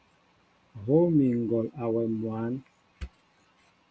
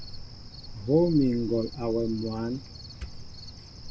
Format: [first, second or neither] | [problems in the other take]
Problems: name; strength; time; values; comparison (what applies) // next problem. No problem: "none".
first | background sound (Cricket); 11 dB below the speech